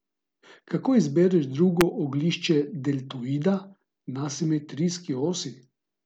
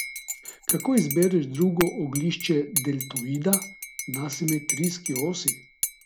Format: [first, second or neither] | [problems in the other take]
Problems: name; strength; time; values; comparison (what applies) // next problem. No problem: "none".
first | background sound (Cutlery, silverware / Dishes, pots, and pans / Chink, clink); 6 dB below the speech